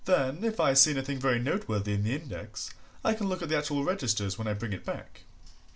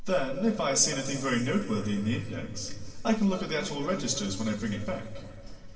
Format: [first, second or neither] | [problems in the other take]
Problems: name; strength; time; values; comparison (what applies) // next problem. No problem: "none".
first | room echo; dies away in 2.7 s